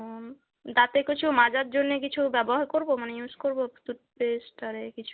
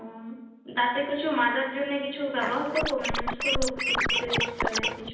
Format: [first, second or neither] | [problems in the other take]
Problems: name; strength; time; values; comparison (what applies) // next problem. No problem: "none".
first | background sound (Scratching (performance technique)); 1 dB above the speech // room echo; dies away in 0.9 s